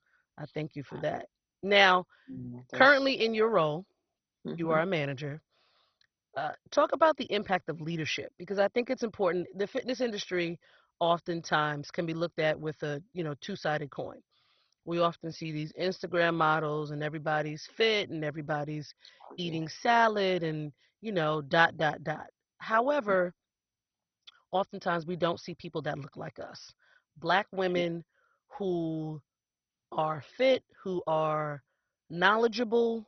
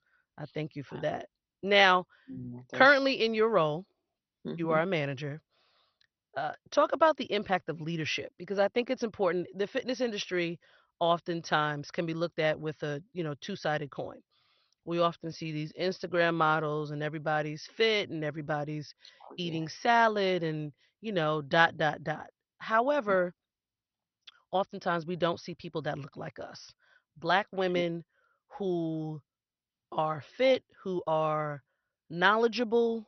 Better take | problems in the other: second | garbled, watery; badly; nothing above 6 kHz; slightly in the second

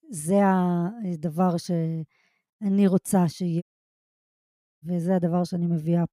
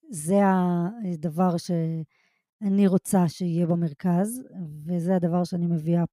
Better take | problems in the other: second | audio cutting out; at 3.5 s for 1 s

